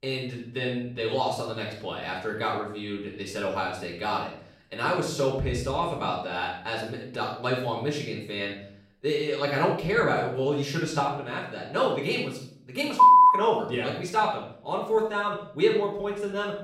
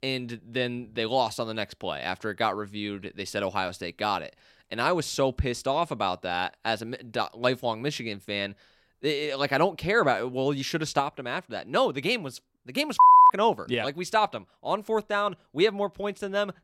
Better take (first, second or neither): second